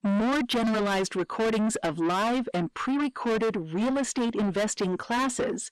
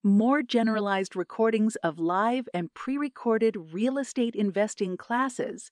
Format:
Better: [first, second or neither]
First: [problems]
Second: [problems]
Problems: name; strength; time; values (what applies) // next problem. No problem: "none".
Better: second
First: distortion; heavy; 6 dB below the speech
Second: none